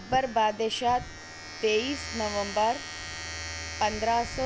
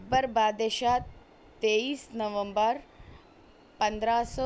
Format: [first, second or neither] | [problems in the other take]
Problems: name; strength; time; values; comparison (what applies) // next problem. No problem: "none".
second | background sound (Domestic sounds, home sounds); 10 dB below the speech